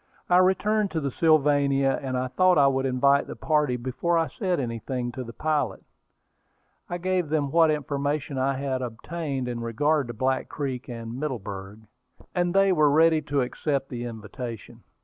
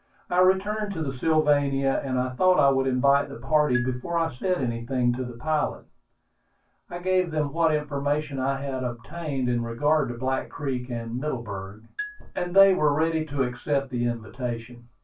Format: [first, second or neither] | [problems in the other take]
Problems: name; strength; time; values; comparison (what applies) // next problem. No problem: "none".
first | background sound (Marimba, xylophone); 16 dB below the speech // room echo; dies away in 0.1 s